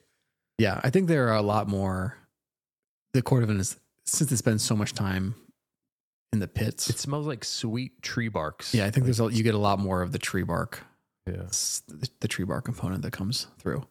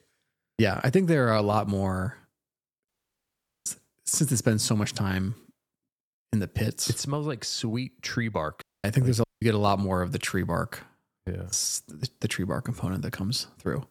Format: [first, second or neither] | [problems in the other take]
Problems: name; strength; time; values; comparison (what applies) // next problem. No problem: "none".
first | audio cutting out; at 3 s for 1 s, at 8.5 s and at 9 s